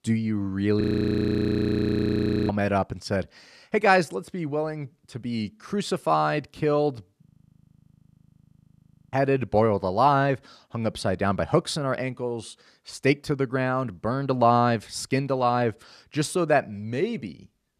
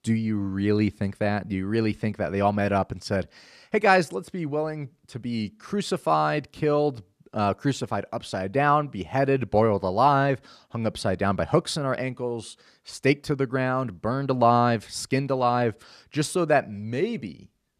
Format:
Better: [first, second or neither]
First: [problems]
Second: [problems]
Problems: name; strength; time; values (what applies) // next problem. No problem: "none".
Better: second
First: audio freezing; at 1 s for 1.5 s and at 7.5 s for 2 s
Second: none